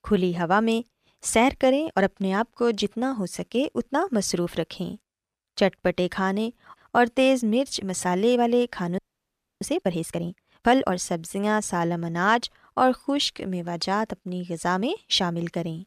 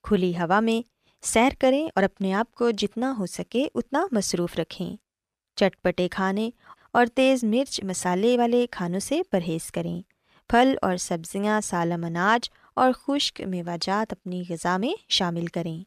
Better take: second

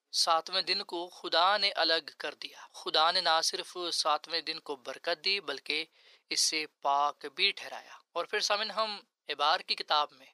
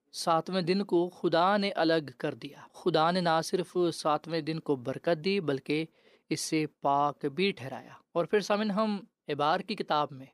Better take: second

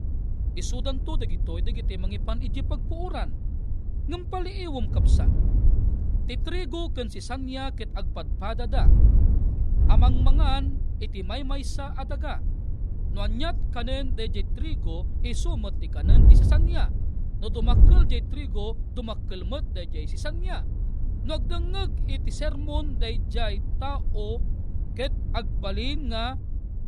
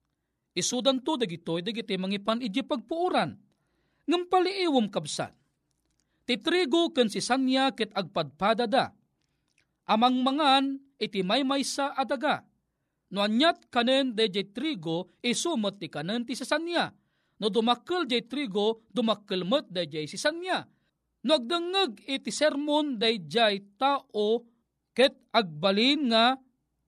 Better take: second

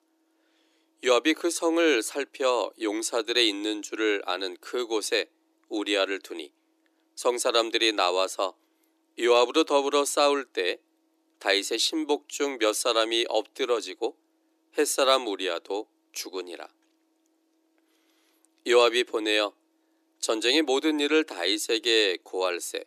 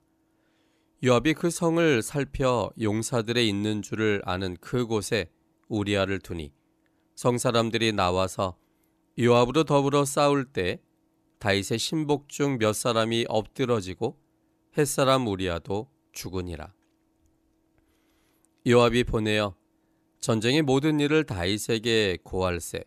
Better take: second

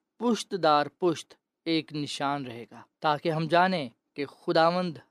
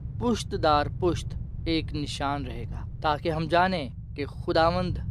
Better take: first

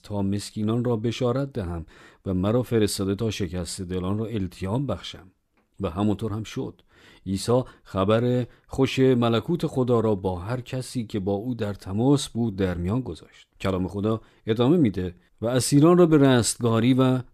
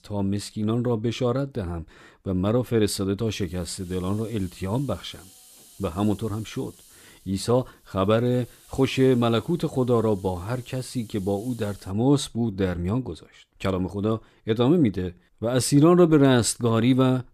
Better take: first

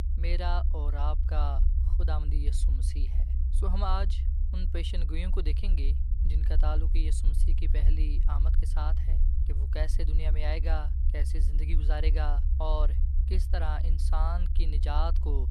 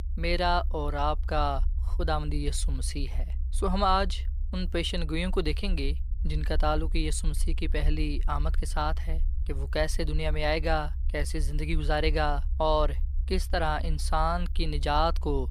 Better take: second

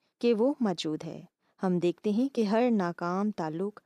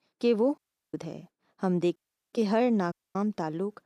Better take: first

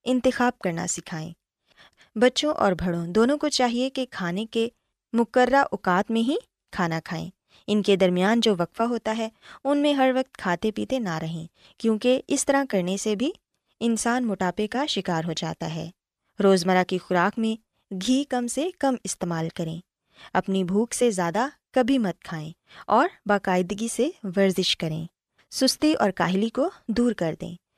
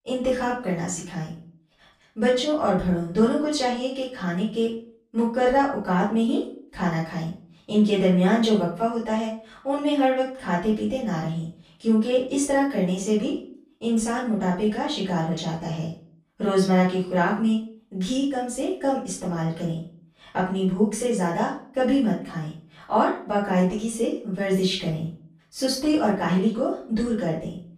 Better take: first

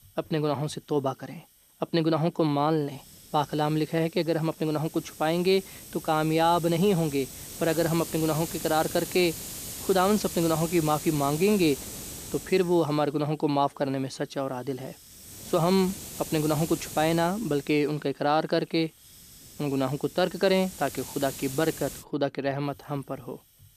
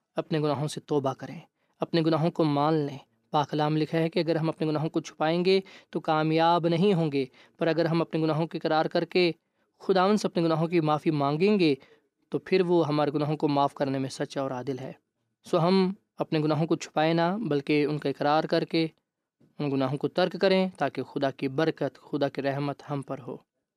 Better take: second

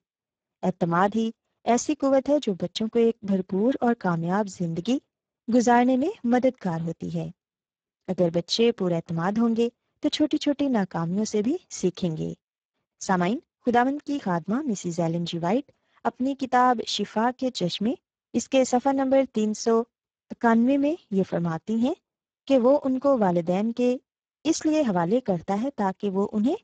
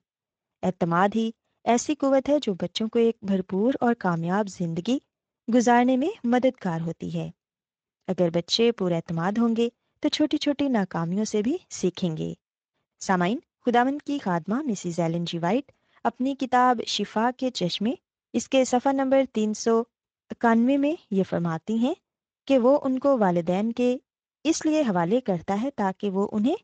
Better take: second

